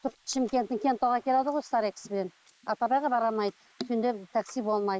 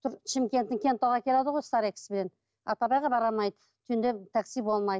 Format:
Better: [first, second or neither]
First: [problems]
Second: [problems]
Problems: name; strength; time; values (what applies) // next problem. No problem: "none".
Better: second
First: noise reduction (neural mask model Resemble Enhance denoiser)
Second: none